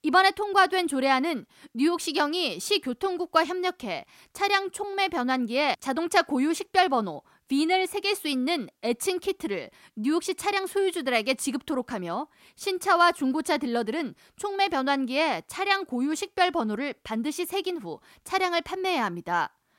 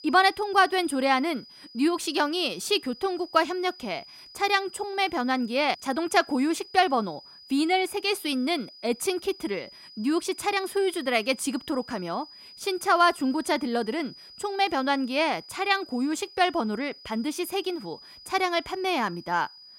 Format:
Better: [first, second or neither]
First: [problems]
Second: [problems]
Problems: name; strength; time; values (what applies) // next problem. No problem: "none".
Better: first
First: none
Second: high-pitched whine; noticeable; throughout; 5 kHz, 20 dB below the speech